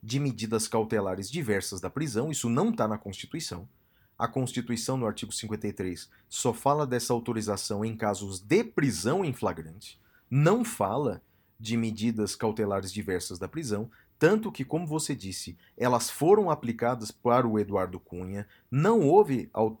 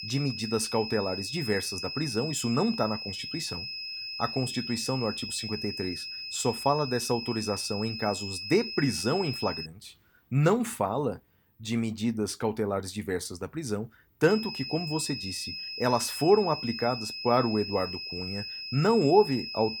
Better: first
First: none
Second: high-pitched whine; loud; until 9.5 s and from 14 s on; 5 kHz, 6 dB below the speech

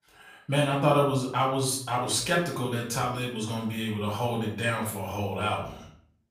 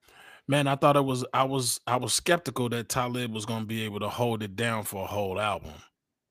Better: second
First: room echo; noticeable; dies away in 0.5 s // off-mic speech; far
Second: none

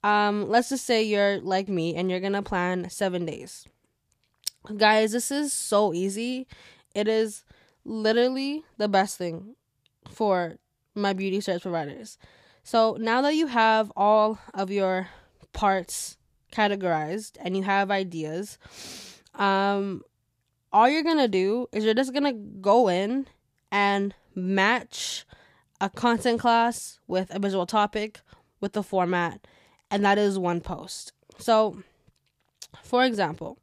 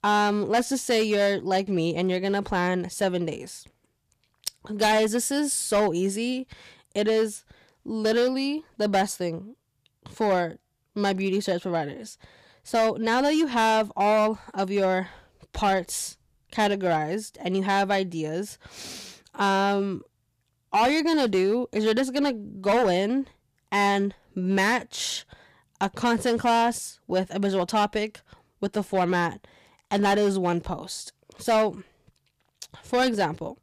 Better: first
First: none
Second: distortion; slight; 6% of the sound clipped

